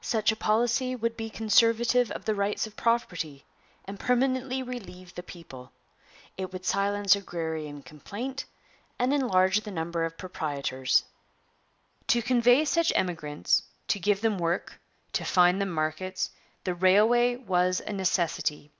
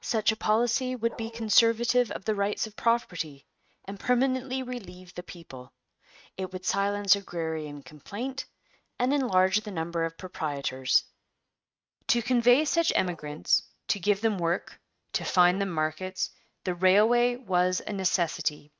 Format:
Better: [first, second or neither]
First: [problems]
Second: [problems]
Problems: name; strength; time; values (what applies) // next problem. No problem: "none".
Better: first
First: none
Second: noise reduction (neural mask model RNNoise)